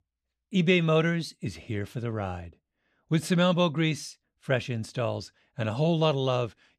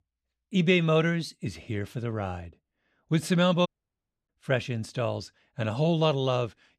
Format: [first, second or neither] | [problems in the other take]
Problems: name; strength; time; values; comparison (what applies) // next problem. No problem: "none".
first | audio cutting out; at 3.5 s for 0.5 s